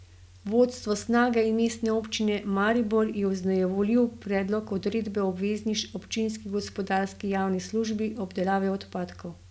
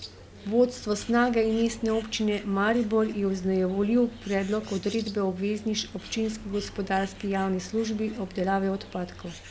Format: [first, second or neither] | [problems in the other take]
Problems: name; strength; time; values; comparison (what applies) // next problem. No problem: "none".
first | background sound (Bird); 18 dB below the speech